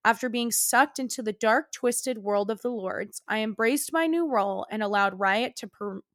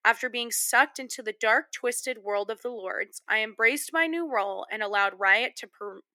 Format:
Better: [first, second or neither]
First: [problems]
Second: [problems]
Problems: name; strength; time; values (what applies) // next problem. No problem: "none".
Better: first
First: none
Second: thin; somewhat; fading below 300 Hz